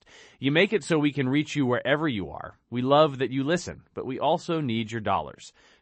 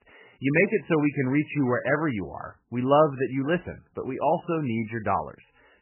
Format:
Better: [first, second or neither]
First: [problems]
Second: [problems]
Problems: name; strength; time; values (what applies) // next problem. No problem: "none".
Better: first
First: garbled, watery; slightly; nothing above 8 kHz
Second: garbled, watery; badly; nothing above 3 kHz